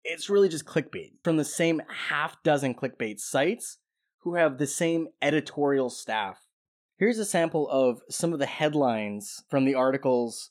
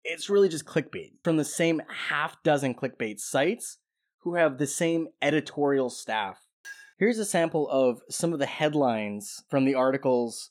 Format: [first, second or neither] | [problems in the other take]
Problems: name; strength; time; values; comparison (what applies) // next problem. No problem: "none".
first | clattering dishes; faint; at 6.5 s; peak 20 dB below the speech